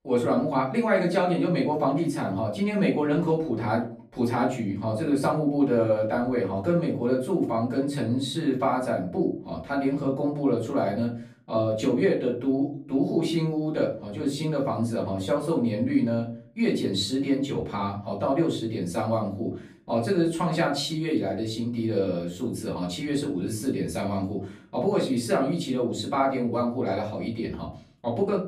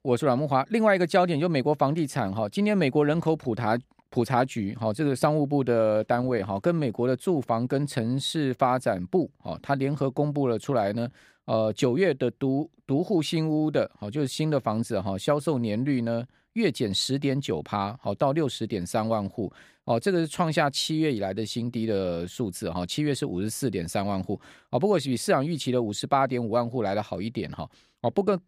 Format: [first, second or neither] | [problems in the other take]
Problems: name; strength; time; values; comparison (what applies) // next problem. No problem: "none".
second | off-mic speech; far // room echo; slight; dies away in 0.4 s